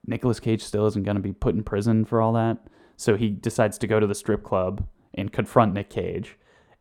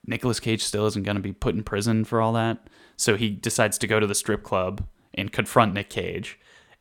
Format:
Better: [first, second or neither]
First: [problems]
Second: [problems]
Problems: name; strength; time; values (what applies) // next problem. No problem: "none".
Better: second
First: muffled; slightly; fading above 1.5 kHz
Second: none